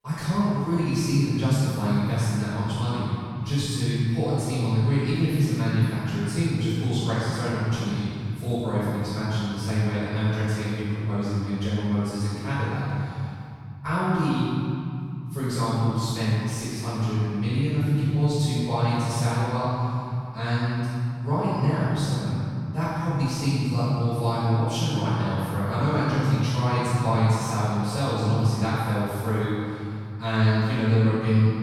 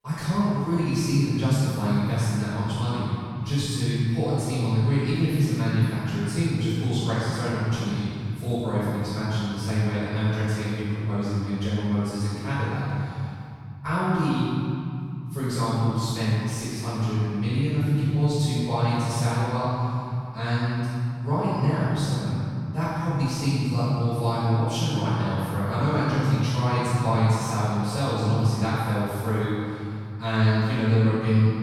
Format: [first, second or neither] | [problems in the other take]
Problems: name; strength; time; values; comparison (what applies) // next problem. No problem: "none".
neither | off-mic speech; far; the same in both // room echo; strong; dies away in 2.8 s; the same in both